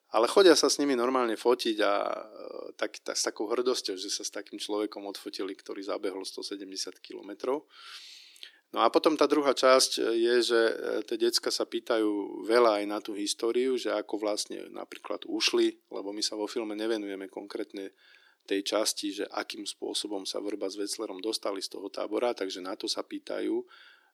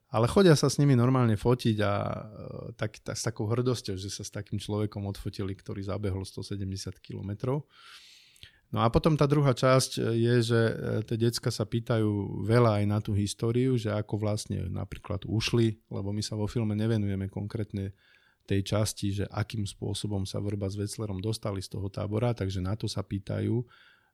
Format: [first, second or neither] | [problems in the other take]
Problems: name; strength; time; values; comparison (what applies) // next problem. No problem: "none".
second | thin; very; fading below 300 Hz